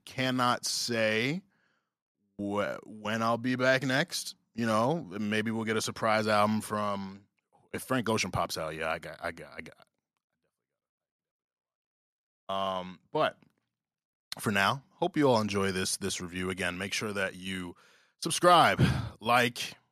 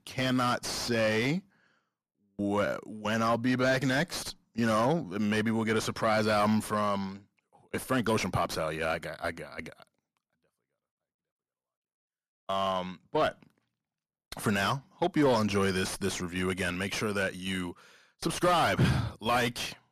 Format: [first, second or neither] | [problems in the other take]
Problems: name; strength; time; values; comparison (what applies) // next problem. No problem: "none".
first | distortion; heavy; 7 dB below the speech